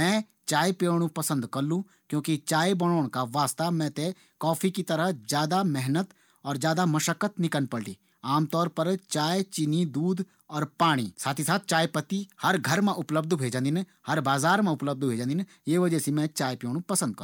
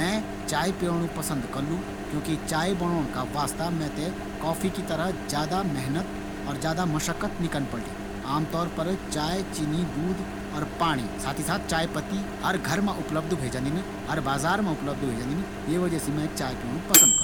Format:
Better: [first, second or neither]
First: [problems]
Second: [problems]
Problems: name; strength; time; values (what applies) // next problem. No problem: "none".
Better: first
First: none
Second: background sound (Microwave oven); 2 dB below the speech